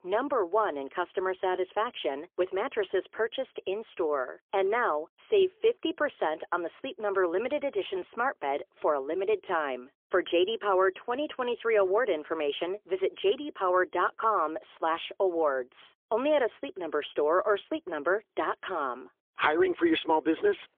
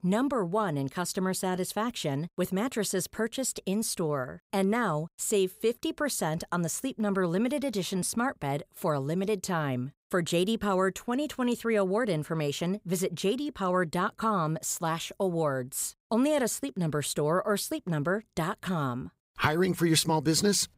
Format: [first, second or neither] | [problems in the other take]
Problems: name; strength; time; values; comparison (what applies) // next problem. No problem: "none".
second | phone-call audio; poor line; nothing above 3.5 kHz